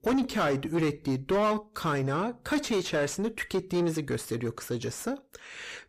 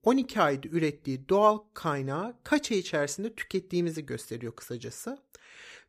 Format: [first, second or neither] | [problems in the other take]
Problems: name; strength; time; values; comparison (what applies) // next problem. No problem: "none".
second | distortion; heavy; 6 dB below the speech